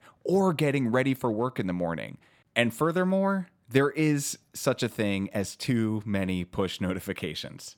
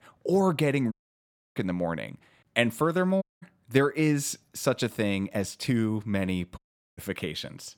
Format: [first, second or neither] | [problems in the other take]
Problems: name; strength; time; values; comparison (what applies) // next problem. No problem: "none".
first | audio cutting out; at 1 s for 0.5 s, at 3 s and at 6.5 s